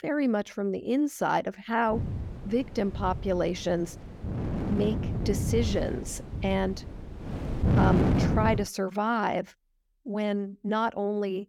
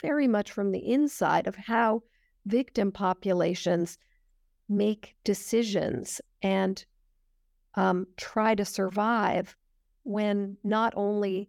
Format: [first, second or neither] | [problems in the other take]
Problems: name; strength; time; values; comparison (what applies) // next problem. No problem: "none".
second | wind noise on the microphone; heavy; from 2 to 8.5 s; 7 dB below the speech